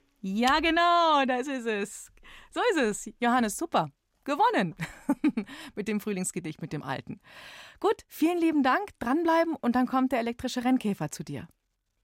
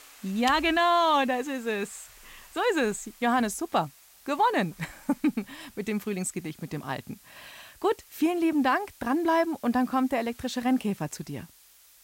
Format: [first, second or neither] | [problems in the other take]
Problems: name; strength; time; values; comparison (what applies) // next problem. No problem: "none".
first | hiss; faint; throughout; 25 dB below the speech